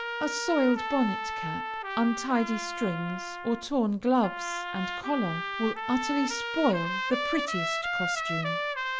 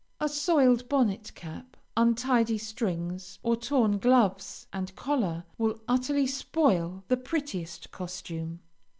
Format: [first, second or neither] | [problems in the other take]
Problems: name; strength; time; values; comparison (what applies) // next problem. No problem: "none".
second | background sound (Trumpet); 4 dB below the speech